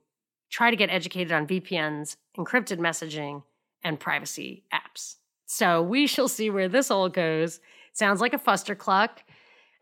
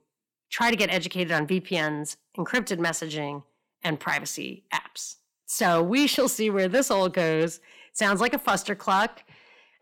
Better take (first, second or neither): first